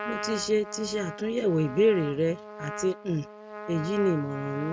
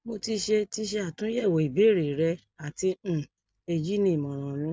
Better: second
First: background sound (Trumpet); 11 dB below the speech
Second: none

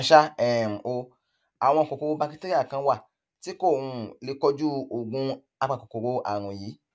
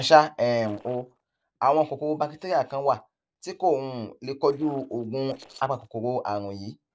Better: first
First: none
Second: noise reduction (neural separator model SepFormer DNS4)

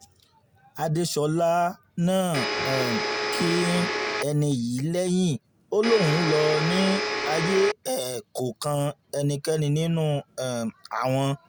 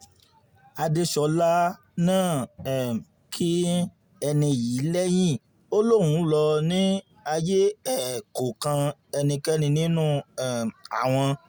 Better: second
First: background sound (Domestic sounds, home sounds); 2 dB below the speech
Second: none

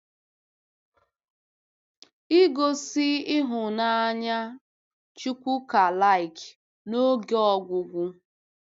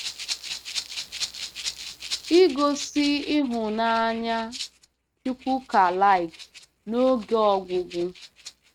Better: first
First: none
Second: noise reduction (neural mask model RNNoise)

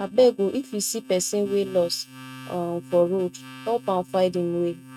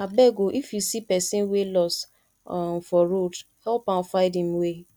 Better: second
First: noise reduction (neural mask model RNNoise)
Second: none

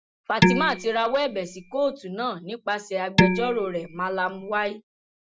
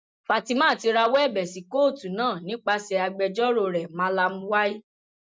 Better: second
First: background sound (Dishes, pots, and pans); 2 dB above the speech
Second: none

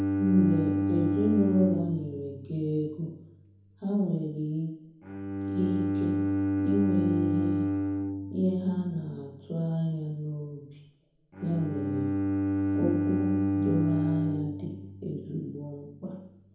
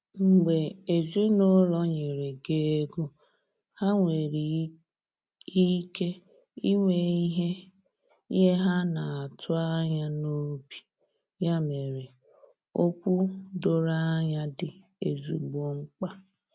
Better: second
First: background sound (Bowed string instrument); as loud as the speech // room echo; dies away in 0.9 s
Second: none

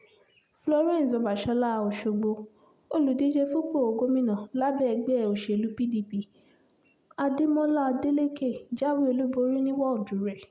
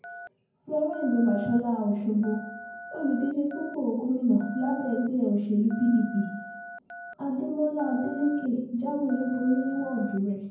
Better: first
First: none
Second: background sound (Telephone); 16 dB below the speech // room echo; dies away in 0.9 s

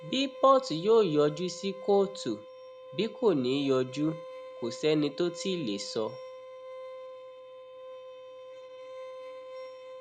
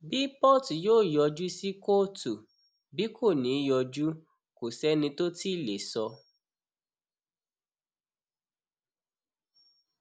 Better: second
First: background sound (Bowed string instrument); 14 dB below the speech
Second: none

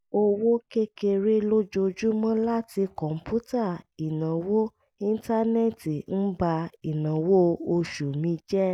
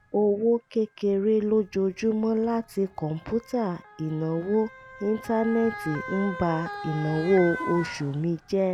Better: first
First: none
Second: background sound (Motor vehicle (road) / Siren); 14 dB below the speech

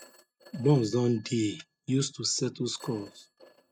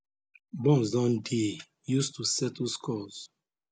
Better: second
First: noise reduction (neural mask model RNNoise)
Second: none

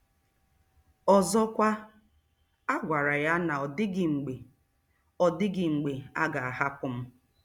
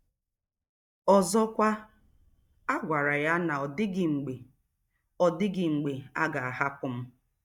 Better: first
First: none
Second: noise reduction (neural mask model DeepFilterNet 3)

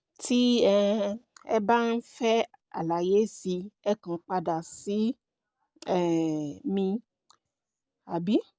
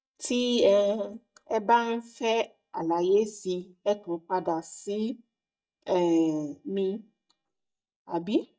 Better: first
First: none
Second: noise reduction (neural mask model DeepFilterNet 3)

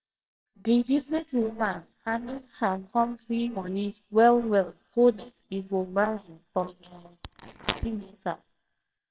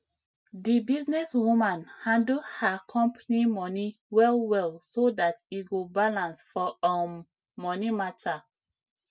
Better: second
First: noise reduction (neural separator model SepFormer WHAMR!)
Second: none

